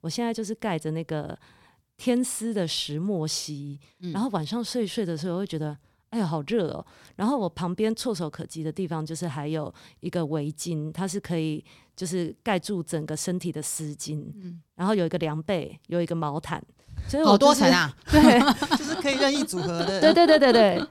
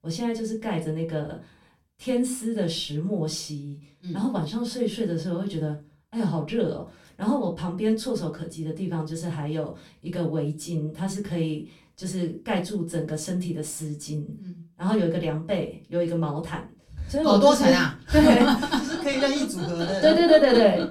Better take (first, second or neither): first